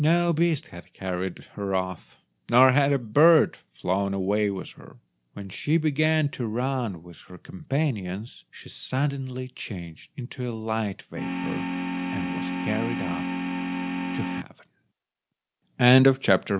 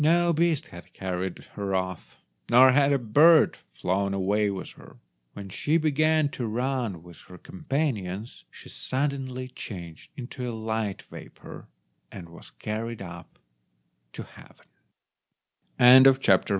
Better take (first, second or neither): second